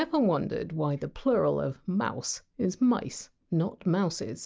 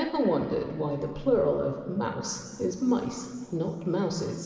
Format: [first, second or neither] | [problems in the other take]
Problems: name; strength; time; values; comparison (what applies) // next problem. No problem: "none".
first | room echo; dies away in 2.3 s